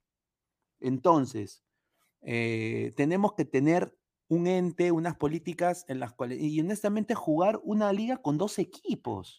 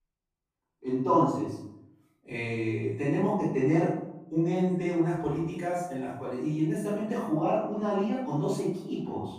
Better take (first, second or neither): first